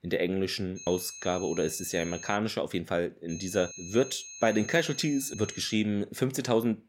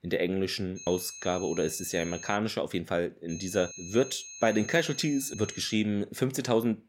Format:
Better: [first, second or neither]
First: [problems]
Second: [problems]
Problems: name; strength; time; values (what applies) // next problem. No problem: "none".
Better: neither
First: high-pitched whine; noticeable; from 1 to 2.5 s and from 3.5 to 5.5 s; 6.5 kHz, 10 dB below the speech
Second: high-pitched whine; noticeable; from 1 to 2.5 s and from 3.5 to 5.5 s; 6.5 kHz, 10 dB below the speech